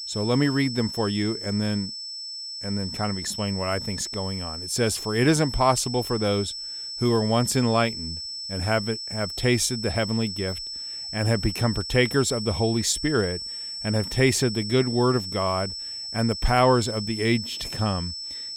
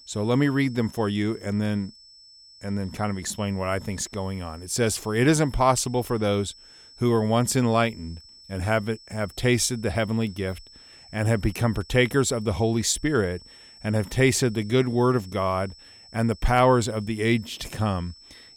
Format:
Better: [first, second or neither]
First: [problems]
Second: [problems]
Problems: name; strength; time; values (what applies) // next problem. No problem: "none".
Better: second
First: high-pitched whine; loud; throughout; 5.5 kHz, 7 dB below the speech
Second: high-pitched whine; faint; throughout; 5.5 kHz, 20 dB below the speech